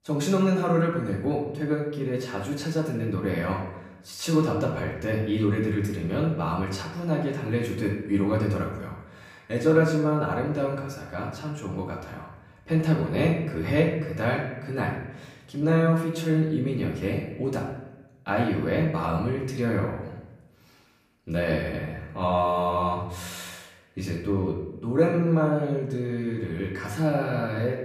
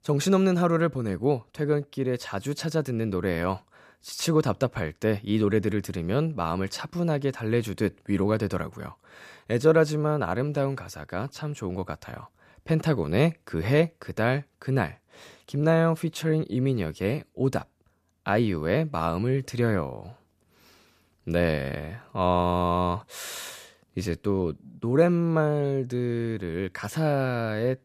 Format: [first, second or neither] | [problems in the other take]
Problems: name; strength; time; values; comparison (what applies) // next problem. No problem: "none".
second | off-mic speech; far // room echo; noticeable; dies away in 0.8 s